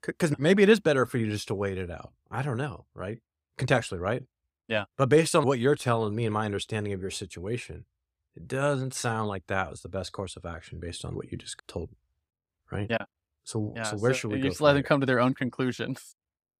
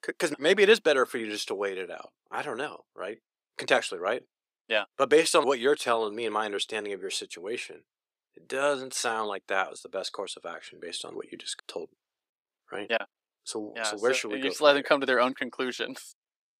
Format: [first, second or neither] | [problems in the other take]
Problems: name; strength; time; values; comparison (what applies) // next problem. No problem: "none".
first | thin; somewhat; fading below 350 Hz